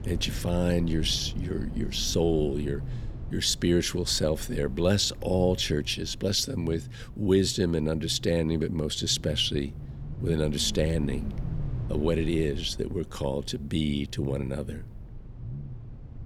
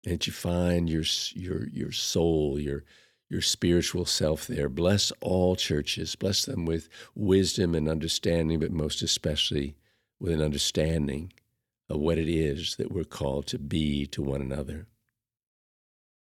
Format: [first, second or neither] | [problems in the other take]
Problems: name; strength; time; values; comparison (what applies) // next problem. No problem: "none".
second | low rumble; noticeable; throughout; 20 dB below the speech